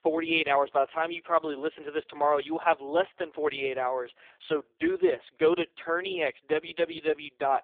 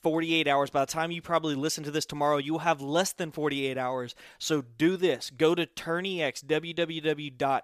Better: second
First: phone-call audio; poor line; nothing above 3.5 kHz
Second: none

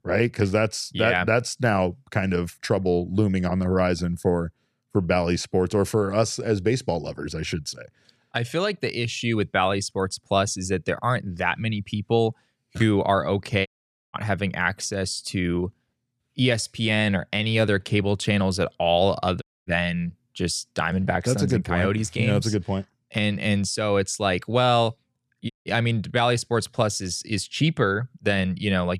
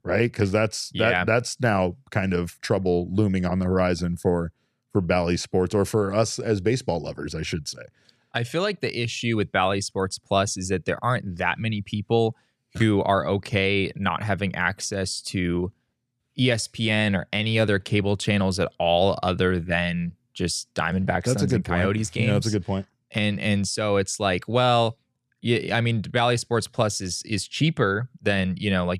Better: second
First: audio cutting out; at 14 s, at 19 s and at 26 s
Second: none

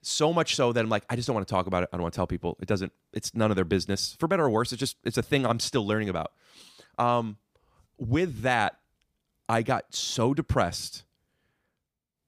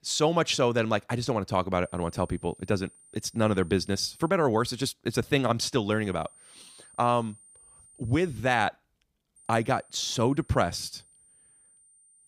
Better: first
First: none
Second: high-pitched whine; faint; from 2 to 4.5 s, from 6 to 8.5 s and from 9.5 s on; 9 kHz, 25 dB below the speech

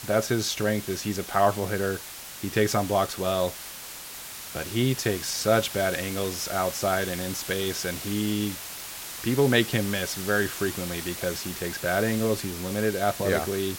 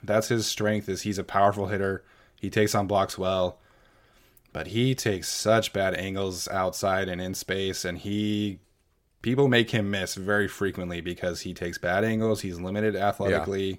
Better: second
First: hiss; loud; throughout; 8 dB below the speech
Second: none

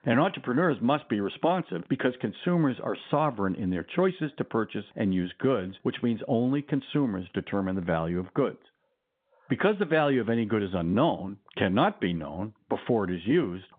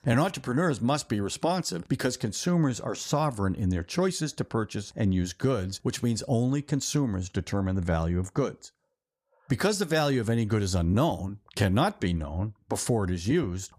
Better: second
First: phone-call audio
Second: none

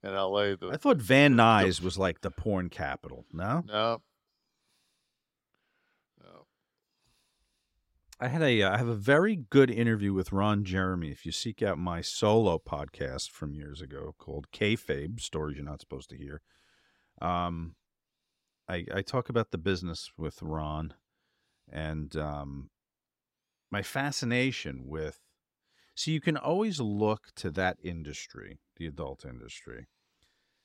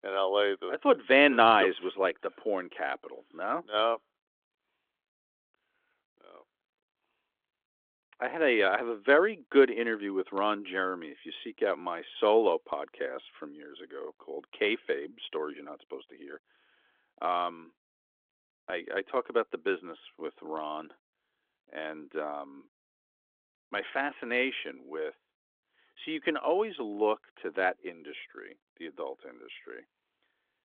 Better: first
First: none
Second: phone-call audio; nothing above 3.5 kHz

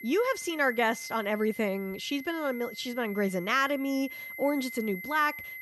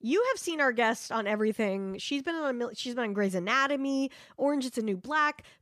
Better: second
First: high-pitched whine; noticeable; throughout; 2 kHz, 10 dB below the speech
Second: none

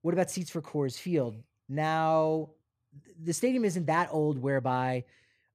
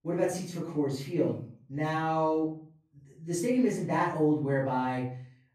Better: first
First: none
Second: room echo; noticeable; dies away in 0.4 s // off-mic speech; far

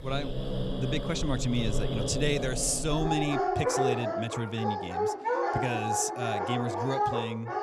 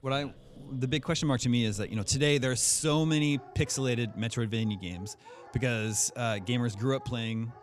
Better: second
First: animal sounds; loud; throughout; as loud as the speech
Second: animal sounds; faint; throughout; 25 dB below the speech

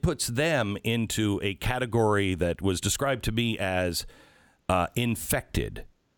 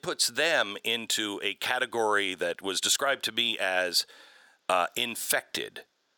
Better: first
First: none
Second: thin; very; fading below 500 Hz

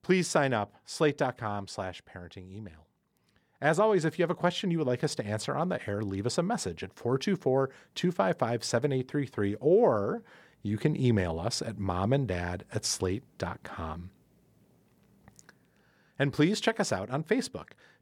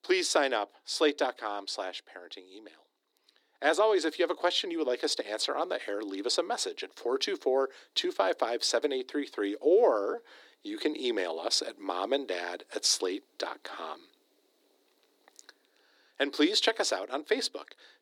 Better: first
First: none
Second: thin; somewhat; fading below 300 Hz

